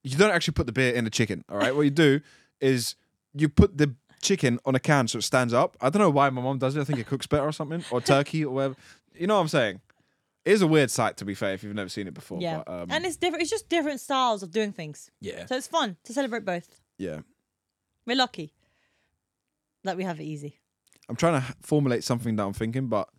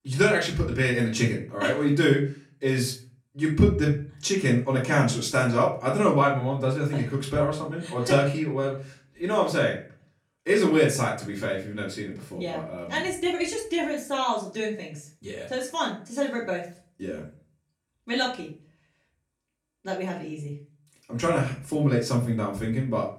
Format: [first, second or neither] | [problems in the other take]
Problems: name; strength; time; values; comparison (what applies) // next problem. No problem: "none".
first | off-mic speech; far // room echo; slight; dies away in 0.3 s